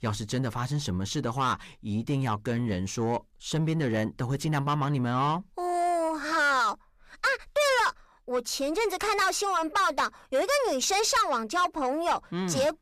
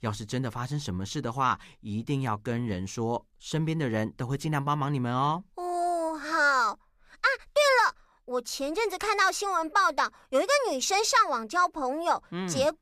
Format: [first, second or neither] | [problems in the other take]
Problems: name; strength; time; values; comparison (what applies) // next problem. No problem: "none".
second | distortion; slight; 10 dB below the speech